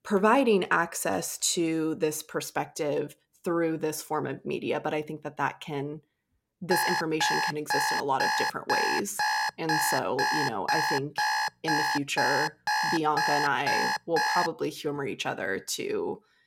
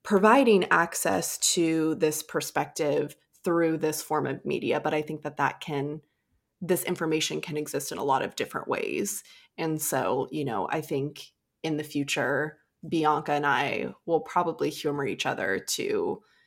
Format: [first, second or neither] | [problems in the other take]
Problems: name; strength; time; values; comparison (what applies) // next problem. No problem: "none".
second | alarm; loud; from 6.5 to 14 s; peak 3 dB above the speech